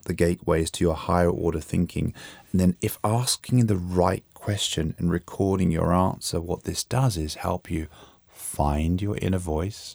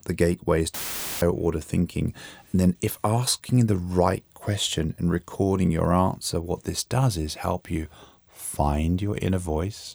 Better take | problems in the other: first | audio cutting out; filled with static; at 0.5 s

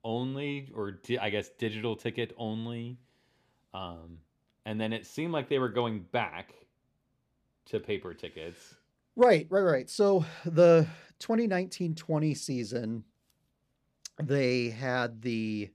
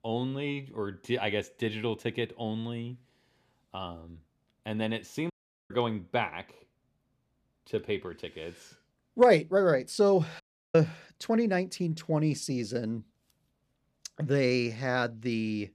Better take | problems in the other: first | audio cutting out; at 5.5 s and at 10 s

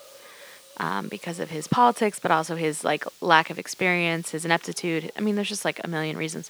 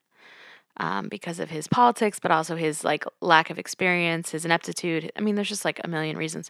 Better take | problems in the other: second | hiss; faint; throughout; 25 dB below the speech

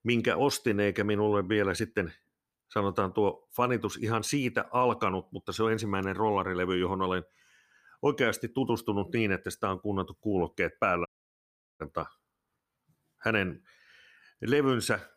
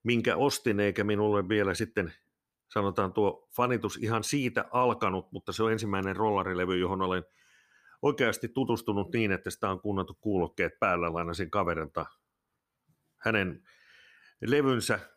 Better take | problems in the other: second | audio cutting out; at 11 s for 0.5 s

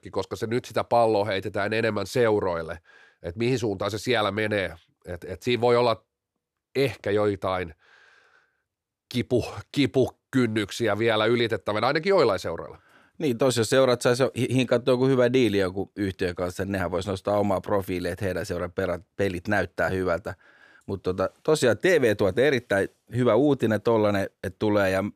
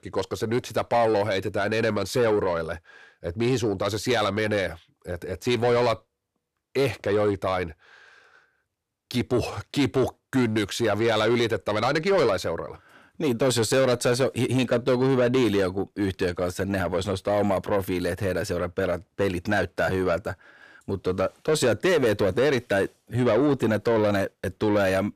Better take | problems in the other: first | distortion; slight; 10 dB below the speech

